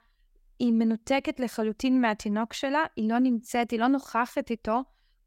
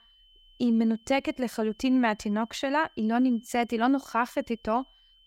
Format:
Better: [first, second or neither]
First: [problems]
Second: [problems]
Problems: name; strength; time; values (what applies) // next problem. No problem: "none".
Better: first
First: none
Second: high-pitched whine; faint; throughout; 3 kHz, 30 dB below the speech